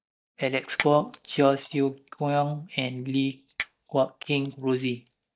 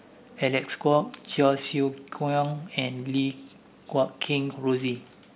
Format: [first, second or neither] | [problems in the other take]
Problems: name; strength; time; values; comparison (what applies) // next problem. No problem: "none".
second | noise reduction (neural mask model DeepFilterNet 3)